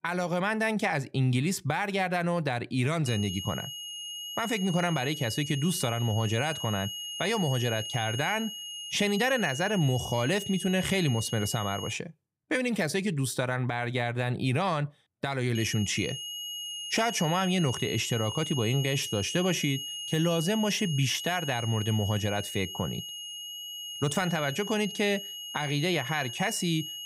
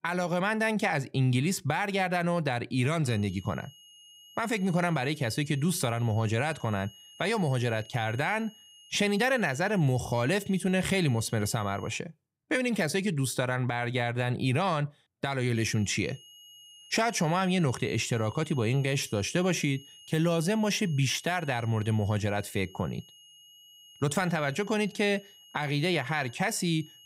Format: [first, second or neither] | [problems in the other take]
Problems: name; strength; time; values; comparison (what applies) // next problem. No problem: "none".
second | high-pitched whine; loud; from 3 to 12 s and from 16 s on; 3 kHz, 7 dB below the speech; faint in the second